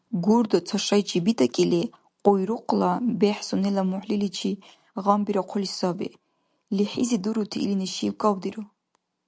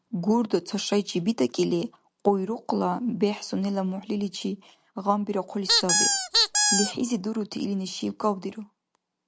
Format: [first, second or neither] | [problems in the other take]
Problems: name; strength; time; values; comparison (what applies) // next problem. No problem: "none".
first | background sound (Squeak); 4 dB above the speech